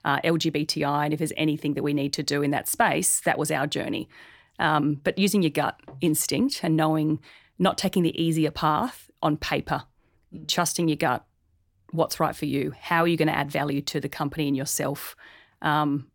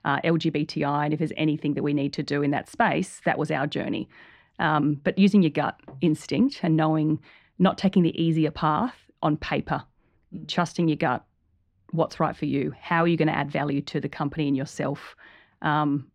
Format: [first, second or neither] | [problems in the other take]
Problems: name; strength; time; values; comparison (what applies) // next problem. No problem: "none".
first | muffled; slightly; fading above 3 kHz